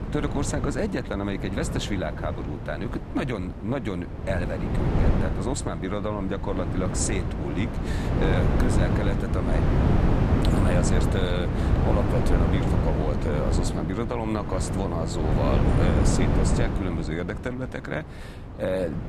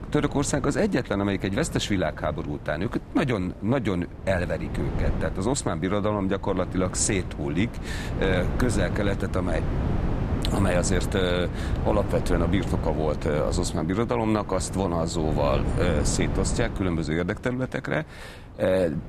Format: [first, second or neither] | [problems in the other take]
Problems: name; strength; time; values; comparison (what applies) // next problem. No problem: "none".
second | wind noise on the microphone; heavy; 1 dB below the speech; occasional gusts in the second